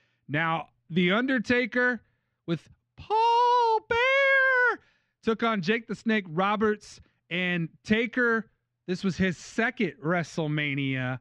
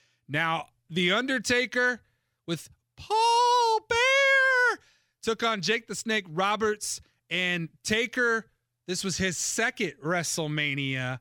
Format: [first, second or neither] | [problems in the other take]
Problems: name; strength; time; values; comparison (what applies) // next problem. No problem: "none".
second | muffled; slightly; fading above 2.5 kHz